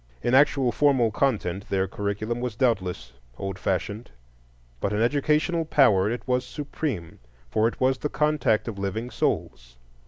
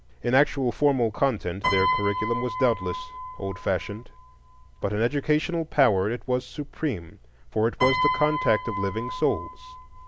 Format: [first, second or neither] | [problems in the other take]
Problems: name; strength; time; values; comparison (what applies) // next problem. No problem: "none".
first | background sound (Piano); 6 dB below the speech